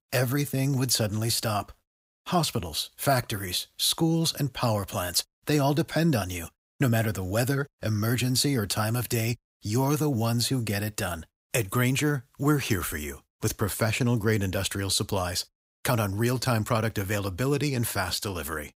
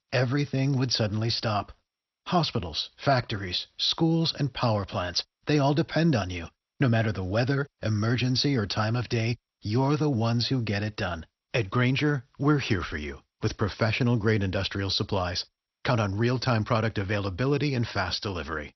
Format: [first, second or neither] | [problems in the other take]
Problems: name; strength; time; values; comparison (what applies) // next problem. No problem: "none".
first | garbled, watery; slightly; nothing above 6 kHz